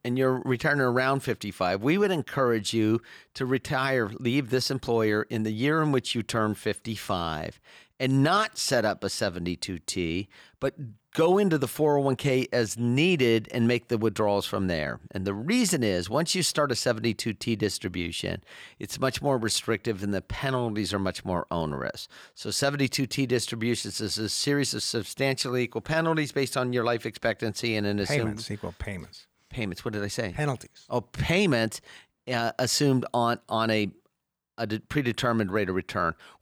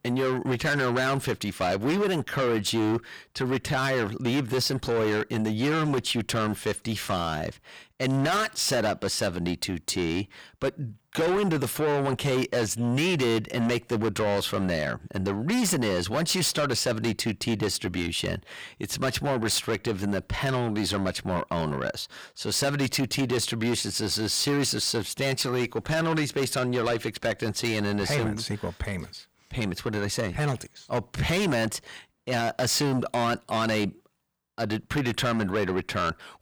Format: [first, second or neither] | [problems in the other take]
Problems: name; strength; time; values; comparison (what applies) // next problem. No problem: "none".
first | distortion; heavy; 7 dB below the speech